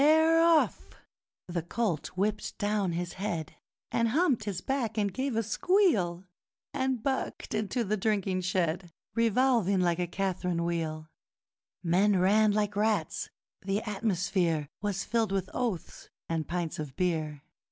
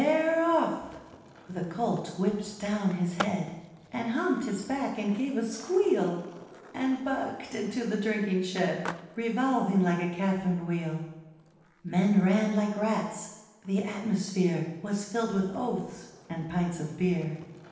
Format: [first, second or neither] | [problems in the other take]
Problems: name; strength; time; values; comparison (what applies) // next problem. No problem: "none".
first | background sound (Skateboard); 19 dB below the speech // room echo; dies away in 0.9 s